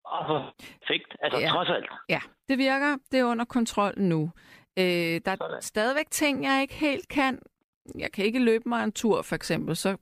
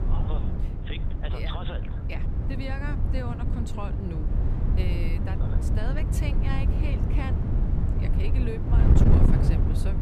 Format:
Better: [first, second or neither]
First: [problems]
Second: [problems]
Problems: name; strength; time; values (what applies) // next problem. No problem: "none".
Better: first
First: none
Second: wind noise on the microphone; heavy; 1 dB above the speech